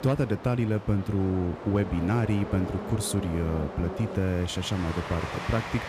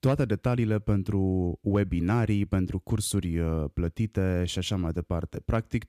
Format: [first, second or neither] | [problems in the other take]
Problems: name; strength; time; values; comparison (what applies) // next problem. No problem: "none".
second | train or aircraft noise; loud; throughout; 9 dB below the speech